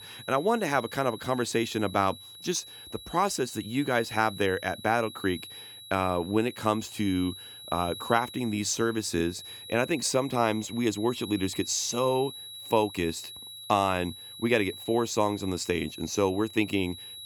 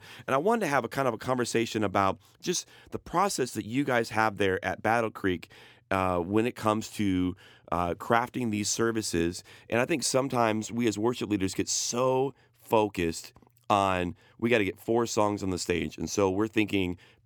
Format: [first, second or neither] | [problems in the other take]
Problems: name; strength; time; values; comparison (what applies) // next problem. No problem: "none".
second | high-pitched whine; noticeable; throughout; 4 kHz, 15 dB below the speech